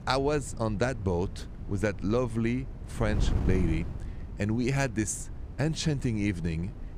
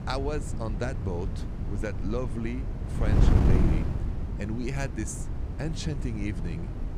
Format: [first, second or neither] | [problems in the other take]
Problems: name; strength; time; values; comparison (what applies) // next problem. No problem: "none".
first | wind noise on the microphone; heavy; 3 dB below the speech; occasional gusts in the first